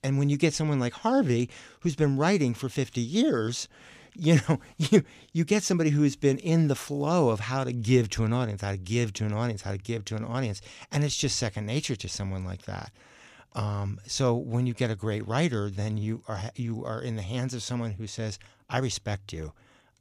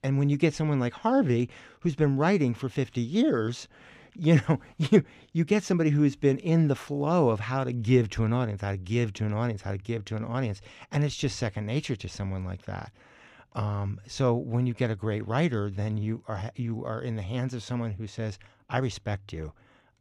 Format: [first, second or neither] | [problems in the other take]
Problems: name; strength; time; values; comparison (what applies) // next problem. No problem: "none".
first | muffled; slightly; fading above 4 kHz